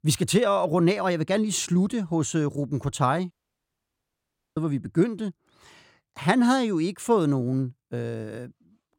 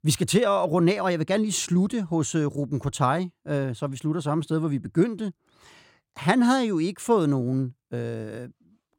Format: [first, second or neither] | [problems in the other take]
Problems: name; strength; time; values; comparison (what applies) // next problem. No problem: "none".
second | audio cutting out; at 3.5 s for 1 s